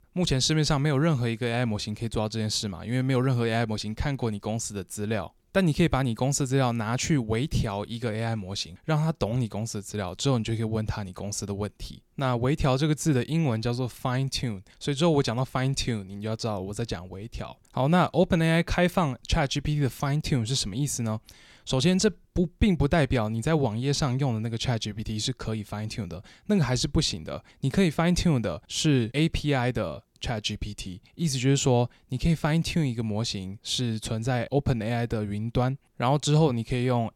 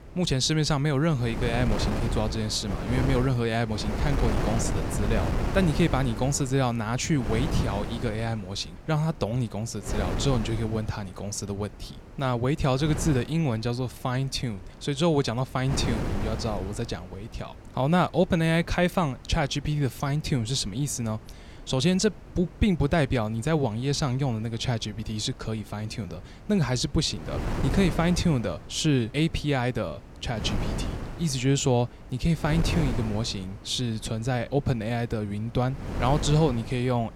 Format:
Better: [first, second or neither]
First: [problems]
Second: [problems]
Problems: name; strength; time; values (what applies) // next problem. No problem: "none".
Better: first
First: none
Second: wind noise on the microphone; heavy; 7 dB below the speech